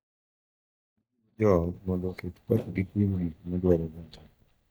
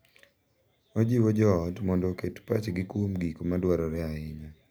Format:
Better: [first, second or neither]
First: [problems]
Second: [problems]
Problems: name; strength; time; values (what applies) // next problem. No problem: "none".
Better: second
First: noise reduction (neural mask model DeepFilterNet 3)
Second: none